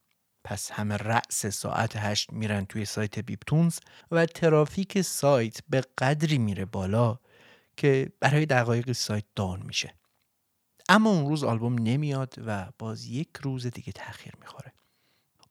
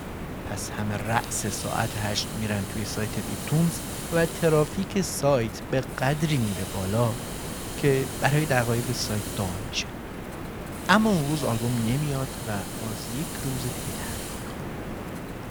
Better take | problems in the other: first | hiss; loud; throughout; 7 dB below the speech

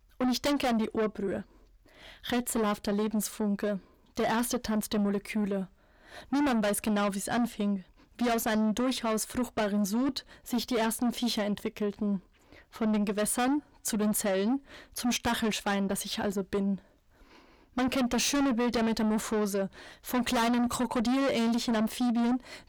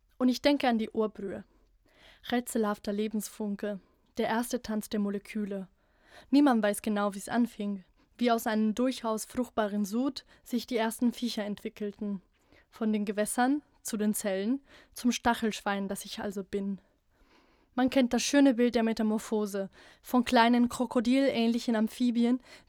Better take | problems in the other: second | distortion; heavy; 6 dB below the speech

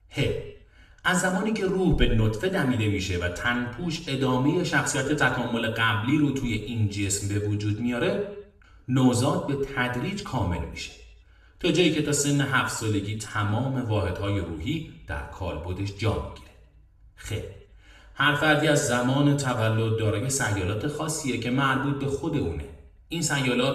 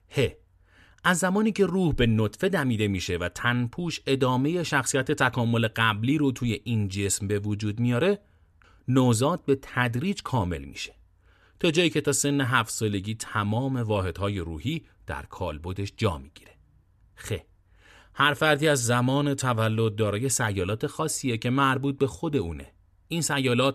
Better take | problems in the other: second | room echo; slight; dies away in 0.6 s // off-mic speech; somewhat distant

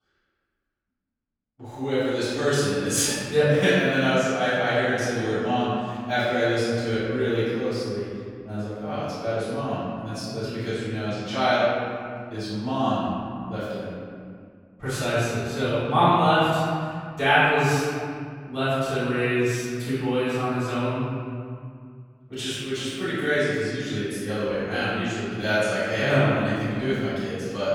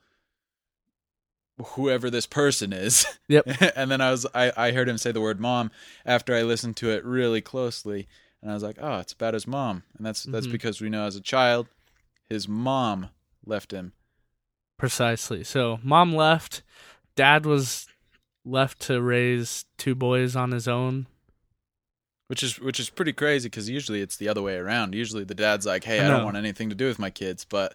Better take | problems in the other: second | off-mic speech; far // room echo; strong; dies away in 2.2 s

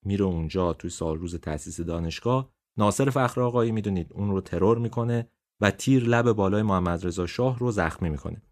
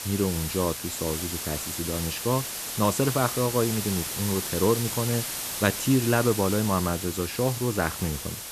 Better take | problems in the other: first | hiss; loud; throughout; 4 dB below the speech

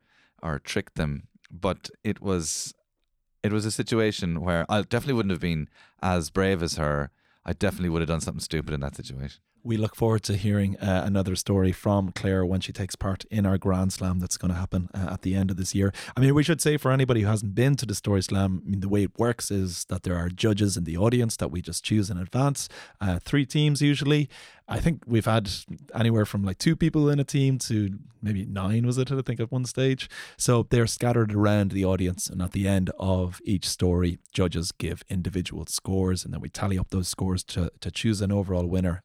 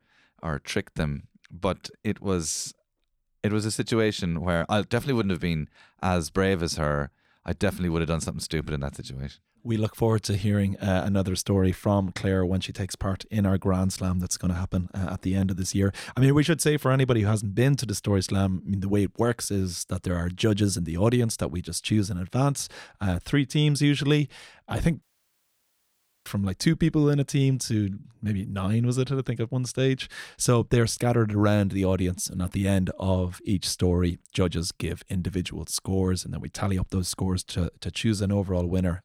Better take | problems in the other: first | audio cutting out; at 25 s for 1 s

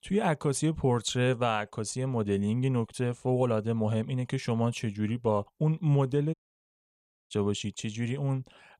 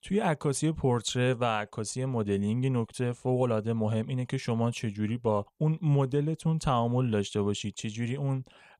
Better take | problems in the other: second | audio cutting out; at 6.5 s for 1 s

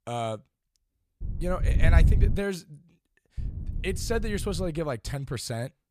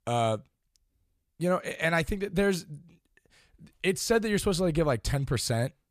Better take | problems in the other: second | wind noise on the microphone; occasional gusts; from 1 to 2.5 s and from 3.5 to 4.5 s; 10 dB below the speech

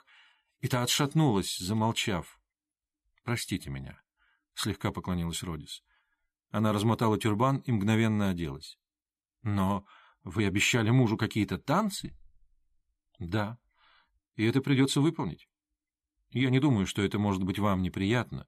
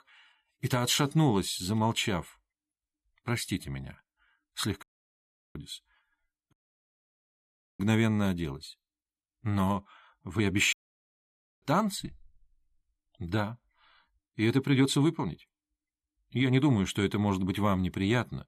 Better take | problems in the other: first | audio cutting out; at 5 s for 0.5 s, at 6.5 s for 1.5 s and at 11 s for 1 s

